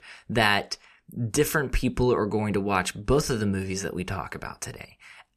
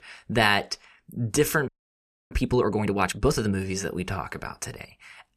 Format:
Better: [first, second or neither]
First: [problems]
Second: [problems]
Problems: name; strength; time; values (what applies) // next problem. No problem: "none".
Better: first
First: none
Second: audio freezing; at 1.5 s for 0.5 s